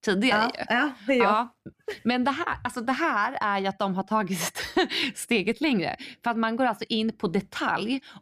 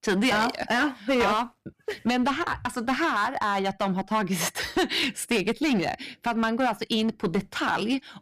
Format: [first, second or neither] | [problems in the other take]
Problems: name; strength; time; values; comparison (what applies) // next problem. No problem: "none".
first | distortion; slight; 9% of the sound clipped